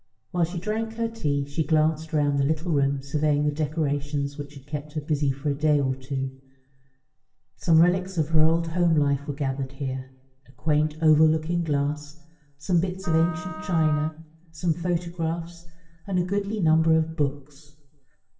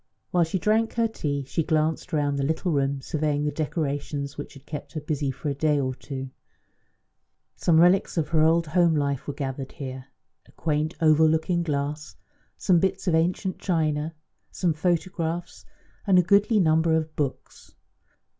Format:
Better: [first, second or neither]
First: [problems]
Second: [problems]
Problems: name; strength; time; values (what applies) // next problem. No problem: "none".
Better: second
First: background sound (Wind instrument, woodwind instrument); 16 dB below the speech // room echo; dies away in 0.7 s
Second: none